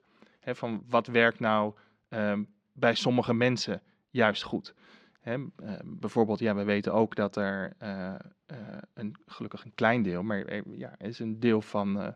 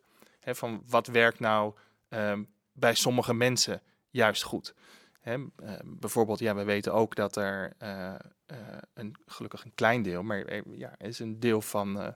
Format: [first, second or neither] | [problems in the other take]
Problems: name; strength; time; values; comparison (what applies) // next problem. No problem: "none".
second | muffled; very slightly; fading above 4 kHz